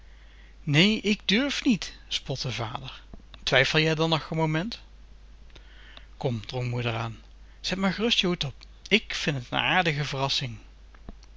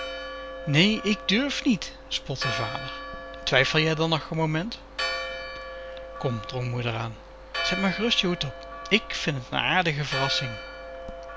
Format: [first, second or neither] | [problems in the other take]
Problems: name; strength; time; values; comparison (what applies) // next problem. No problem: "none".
first | background sound (Church bell); 9 dB below the speech